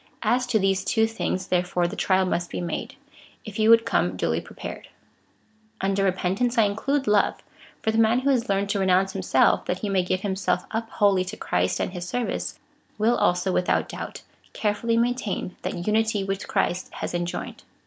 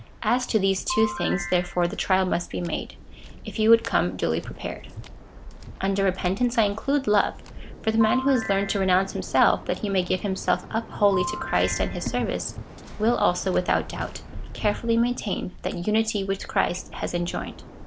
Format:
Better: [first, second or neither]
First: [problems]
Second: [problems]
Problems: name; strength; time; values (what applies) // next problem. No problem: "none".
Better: first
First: none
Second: background sound (Waves, surf + Ringtone / Chime); 11 dB below the speech